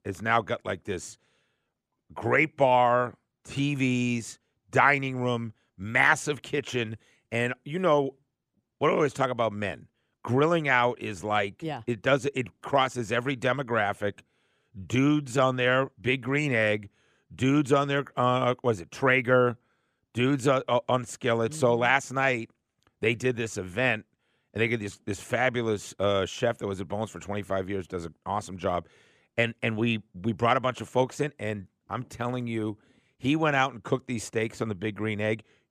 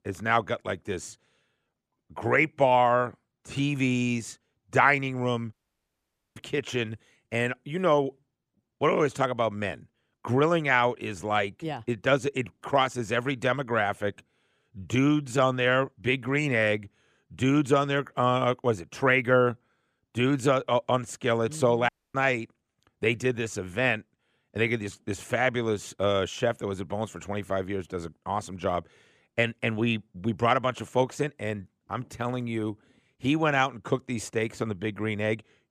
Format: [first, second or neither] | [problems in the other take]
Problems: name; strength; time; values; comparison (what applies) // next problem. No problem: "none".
first | audio cutting out; at 5.5 s for 1 s and at 22 s